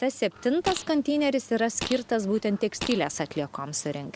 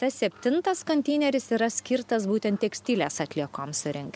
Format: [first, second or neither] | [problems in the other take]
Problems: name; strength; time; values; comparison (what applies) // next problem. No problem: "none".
second | background sound (Fart); 12 dB below the speech